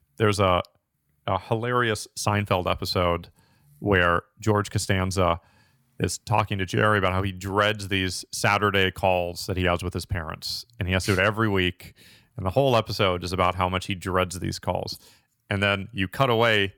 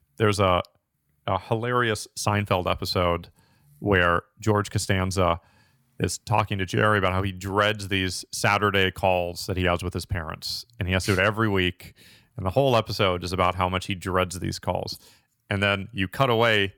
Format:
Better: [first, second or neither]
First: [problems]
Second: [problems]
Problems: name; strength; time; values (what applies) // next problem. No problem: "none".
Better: neither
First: none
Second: none